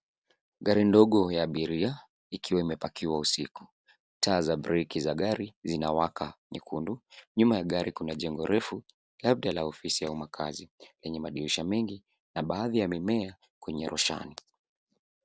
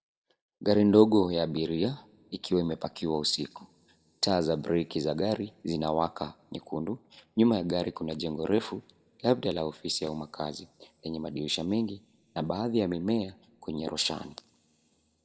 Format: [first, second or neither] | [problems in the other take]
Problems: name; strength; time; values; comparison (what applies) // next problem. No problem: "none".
first | room echo; dies away in 0.7 s